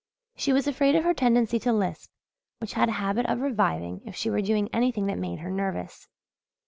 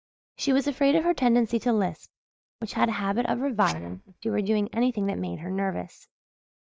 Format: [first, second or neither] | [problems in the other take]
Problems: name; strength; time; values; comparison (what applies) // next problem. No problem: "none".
first | noise reduction (neural mask model DeepFilterNet 3)